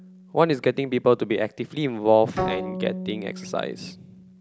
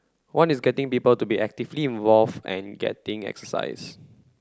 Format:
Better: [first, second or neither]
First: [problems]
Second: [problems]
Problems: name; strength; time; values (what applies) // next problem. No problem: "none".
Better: second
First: background sound (Bowed string instrument); 10 dB below the speech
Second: none